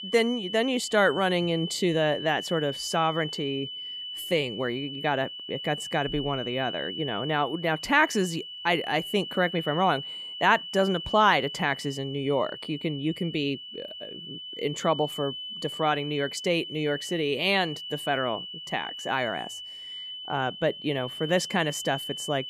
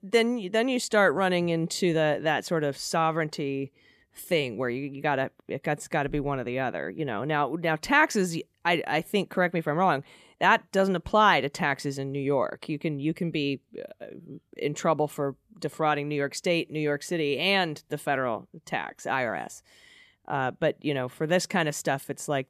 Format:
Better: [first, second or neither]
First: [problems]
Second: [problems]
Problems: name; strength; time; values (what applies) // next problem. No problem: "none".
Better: second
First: high-pitched whine; loud; throughout; 3 kHz, 8 dB below the speech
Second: none